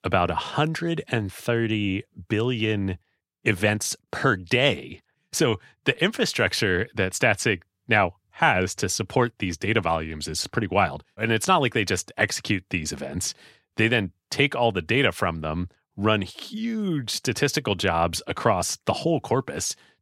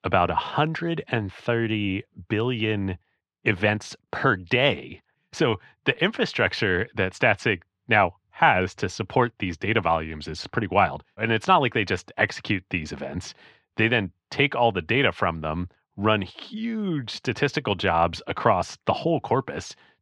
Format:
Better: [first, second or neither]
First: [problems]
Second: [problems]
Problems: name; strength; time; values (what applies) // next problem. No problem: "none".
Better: first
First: none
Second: muffled; slightly; fading above 3 kHz